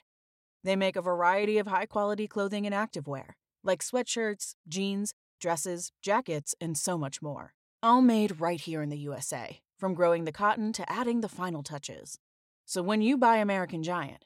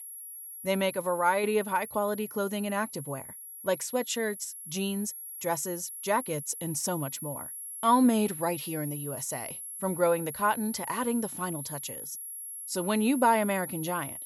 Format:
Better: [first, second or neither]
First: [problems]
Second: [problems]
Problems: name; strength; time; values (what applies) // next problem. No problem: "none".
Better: first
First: none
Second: high-pitched whine; loud; throughout; 11 kHz, 9 dB below the speech